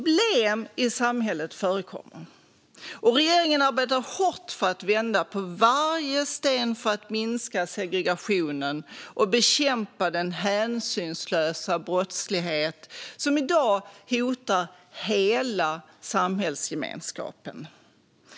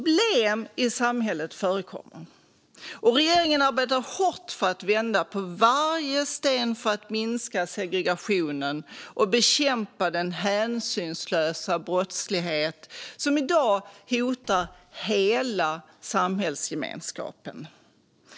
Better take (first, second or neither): first